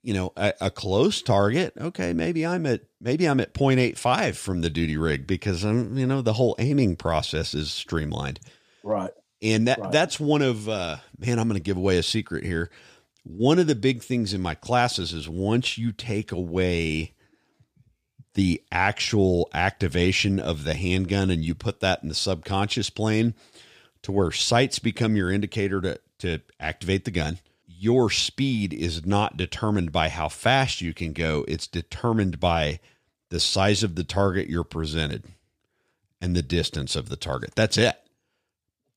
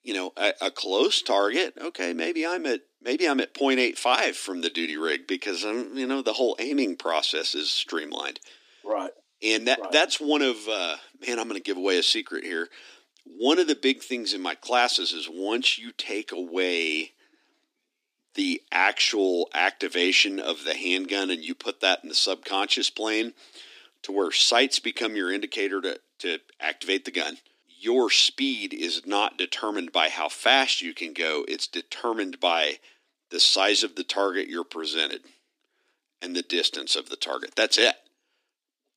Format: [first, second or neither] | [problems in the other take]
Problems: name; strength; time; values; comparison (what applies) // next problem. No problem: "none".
first | thin; somewhat; fading below 250 Hz